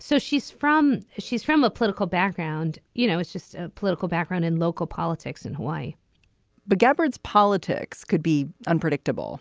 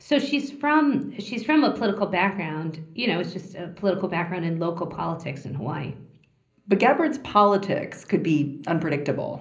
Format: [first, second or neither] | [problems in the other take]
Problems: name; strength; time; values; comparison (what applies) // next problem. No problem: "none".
first | room echo; dies away in 0.5 s